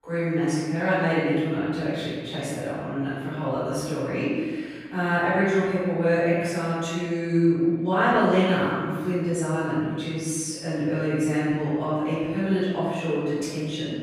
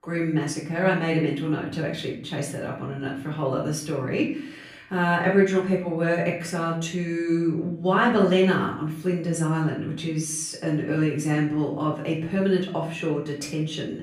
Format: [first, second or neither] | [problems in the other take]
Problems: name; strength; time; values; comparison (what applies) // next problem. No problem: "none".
second | room echo; strong; dies away in 1.4 s; slight in the second // off-mic speech; far; far in the second